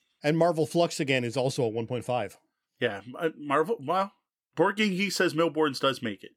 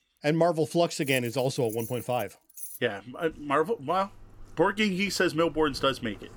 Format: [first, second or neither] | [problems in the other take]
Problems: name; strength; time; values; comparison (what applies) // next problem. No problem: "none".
first | household noises; noticeable; throughout; 15 dB below the speech